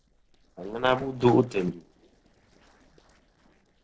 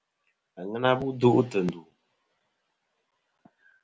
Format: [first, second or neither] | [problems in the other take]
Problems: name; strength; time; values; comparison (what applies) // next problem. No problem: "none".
second | noise reduction (neural separator model SepFormer DNS4)